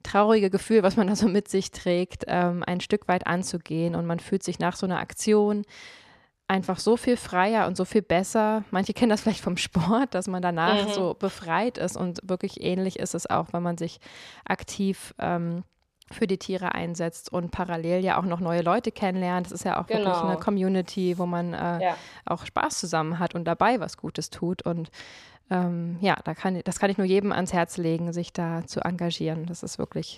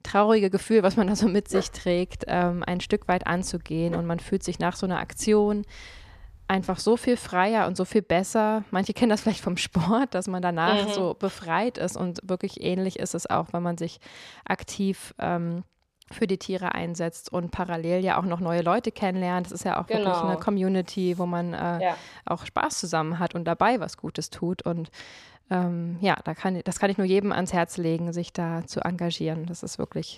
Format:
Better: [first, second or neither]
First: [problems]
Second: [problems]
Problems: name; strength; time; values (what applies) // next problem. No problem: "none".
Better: first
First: none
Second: dog barking; noticeable; from 1 to 7 s; peak 7 dB below the speech